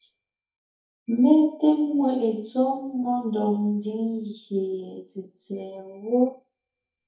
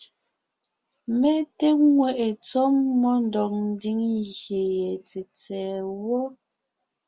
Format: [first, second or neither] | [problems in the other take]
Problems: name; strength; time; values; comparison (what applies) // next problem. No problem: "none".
second | noise reduction (neural mask model DeepFilterNet 3)